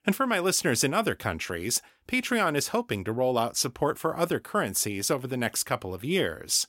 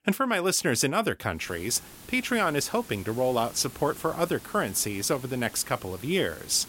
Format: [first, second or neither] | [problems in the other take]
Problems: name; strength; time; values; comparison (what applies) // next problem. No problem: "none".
first | hiss; noticeable; from 1.5 s on; 20 dB below the speech